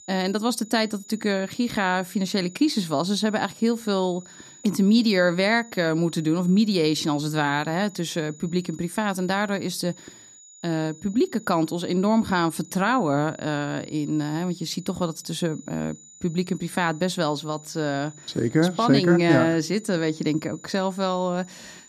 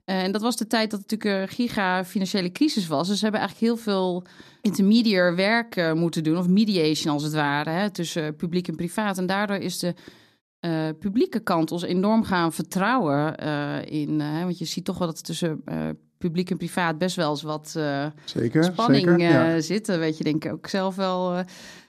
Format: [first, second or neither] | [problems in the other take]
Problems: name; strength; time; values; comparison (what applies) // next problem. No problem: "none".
second | high-pitched whine; faint; throughout; 7 kHz, 20 dB below the speech